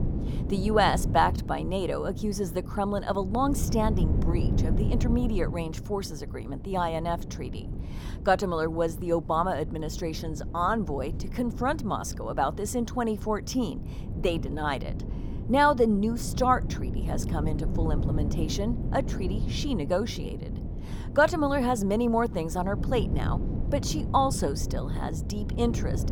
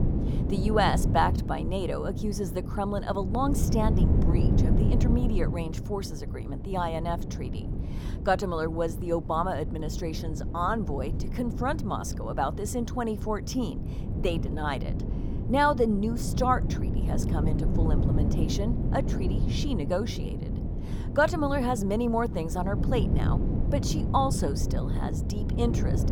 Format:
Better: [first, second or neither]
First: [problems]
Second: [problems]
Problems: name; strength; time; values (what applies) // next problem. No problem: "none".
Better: first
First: wind noise on the microphone; occasional gusts; 15 dB below the speech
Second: wind noise on the microphone; heavy; 10 dB below the speech